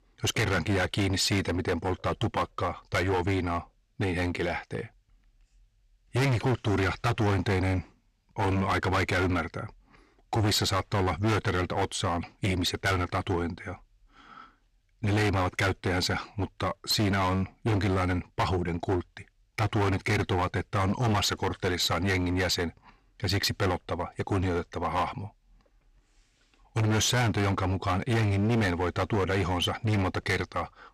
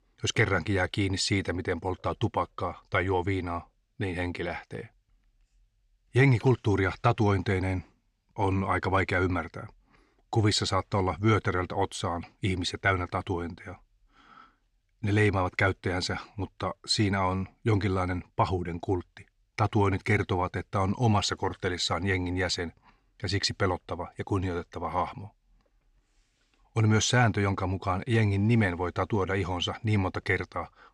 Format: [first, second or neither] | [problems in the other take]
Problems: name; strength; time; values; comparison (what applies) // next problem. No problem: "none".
second | distortion; heavy; 16% of the sound clipped